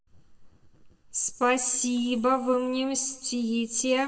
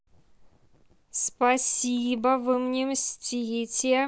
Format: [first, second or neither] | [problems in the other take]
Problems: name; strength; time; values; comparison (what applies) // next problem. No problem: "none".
second | room echo; dies away in 1.6 s